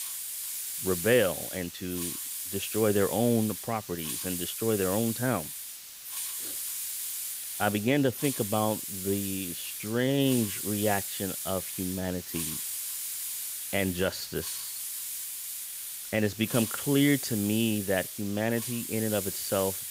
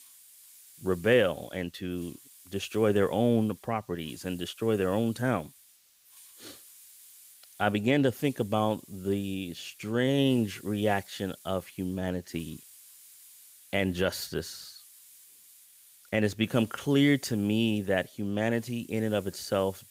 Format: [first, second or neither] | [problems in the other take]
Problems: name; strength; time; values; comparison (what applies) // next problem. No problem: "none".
second | hiss; loud; throughout; 4 dB below the speech; faint in the second